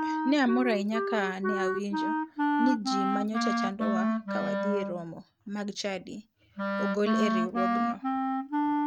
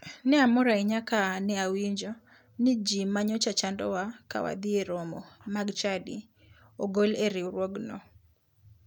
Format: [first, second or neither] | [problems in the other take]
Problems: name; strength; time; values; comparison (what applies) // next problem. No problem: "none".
second | noise reduction (neural mask model RNNoise)